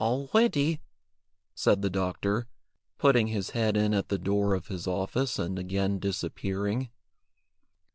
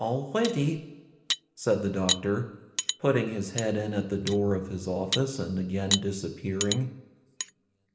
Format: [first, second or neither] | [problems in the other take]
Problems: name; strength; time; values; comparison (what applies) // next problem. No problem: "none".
first | background sound (Cutlery, silverware); 7 dB below the speech // room echo; dies away in 1 s